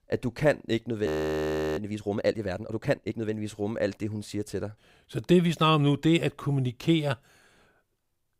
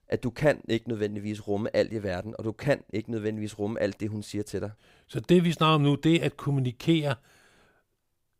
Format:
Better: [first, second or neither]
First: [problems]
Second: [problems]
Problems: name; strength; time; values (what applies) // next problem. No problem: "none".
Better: second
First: audio freezing; at 1 s for 0.5 s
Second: none